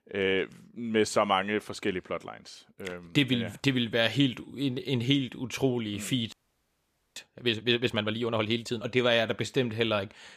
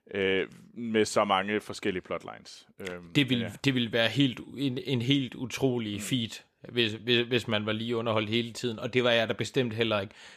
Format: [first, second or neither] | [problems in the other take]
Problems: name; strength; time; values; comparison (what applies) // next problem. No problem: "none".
second | audio freezing; at 6.5 s for 1 s